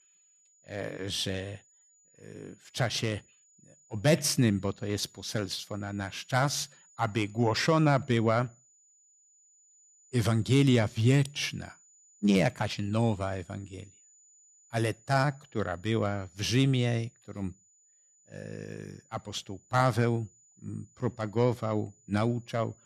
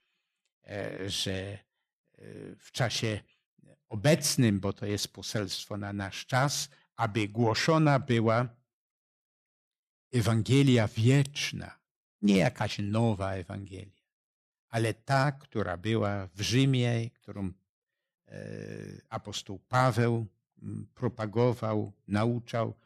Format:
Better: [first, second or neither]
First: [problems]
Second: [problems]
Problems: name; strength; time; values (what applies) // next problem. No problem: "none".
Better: second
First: high-pitched whine; faint; throughout; 7 kHz, 30 dB below the speech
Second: none